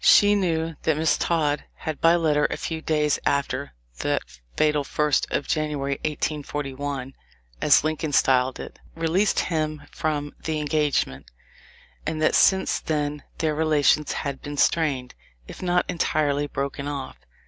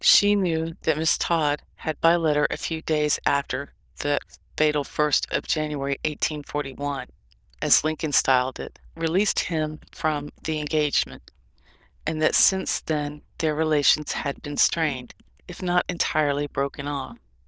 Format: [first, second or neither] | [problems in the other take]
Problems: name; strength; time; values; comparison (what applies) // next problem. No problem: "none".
first | noise reduction (neural diffusion model UNIVERSE++)